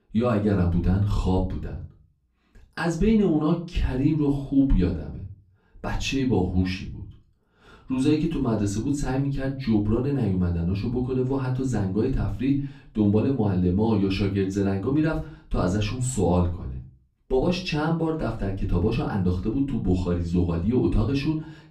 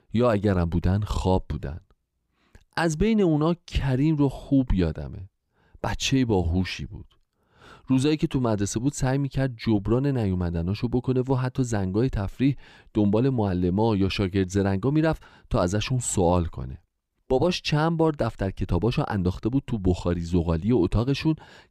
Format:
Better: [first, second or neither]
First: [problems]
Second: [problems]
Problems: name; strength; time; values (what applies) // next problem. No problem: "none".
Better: second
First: off-mic speech; far // room echo; slight; dies away in 0.3 s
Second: none